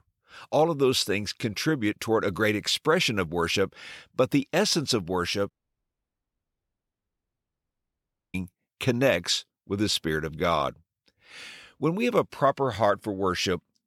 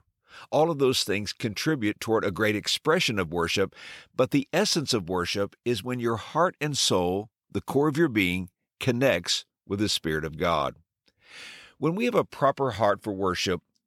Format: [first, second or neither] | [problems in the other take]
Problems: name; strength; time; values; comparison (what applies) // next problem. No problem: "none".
second | audio cutting out; at 5.5 s for 3 s